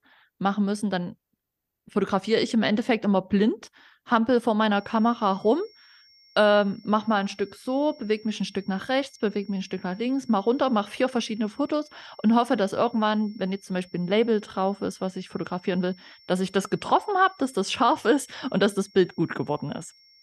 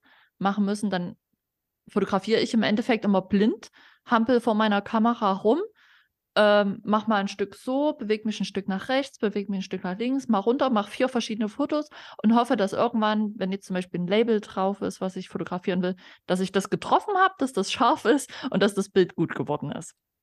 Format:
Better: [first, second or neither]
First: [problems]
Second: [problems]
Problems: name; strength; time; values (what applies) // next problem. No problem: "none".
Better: second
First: high-pitched whine; faint; from 5 s on; 5.5 kHz, 30 dB below the speech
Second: none